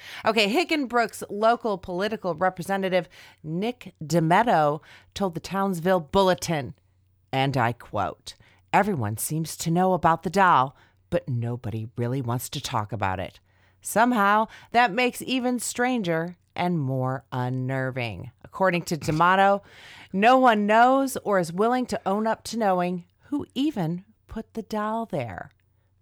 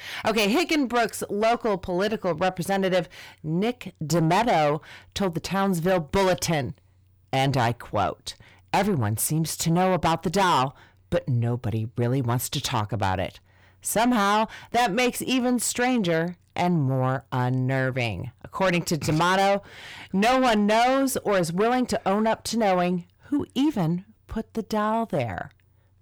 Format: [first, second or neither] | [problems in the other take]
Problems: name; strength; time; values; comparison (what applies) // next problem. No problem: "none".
first | distortion; heavy; 7 dB below the speech